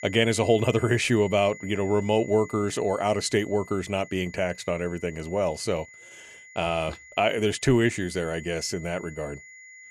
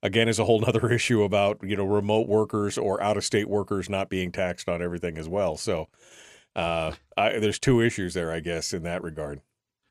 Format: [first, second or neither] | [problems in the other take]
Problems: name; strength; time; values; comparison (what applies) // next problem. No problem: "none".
second | high-pitched whine; noticeable; throughout; 2 kHz, 20 dB below the speech